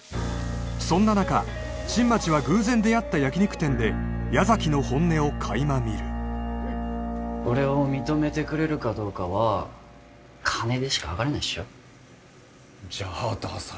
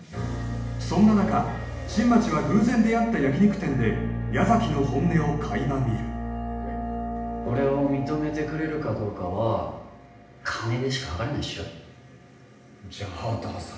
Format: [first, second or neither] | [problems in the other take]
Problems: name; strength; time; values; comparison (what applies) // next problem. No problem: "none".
first | room echo; dies away in 0.8 s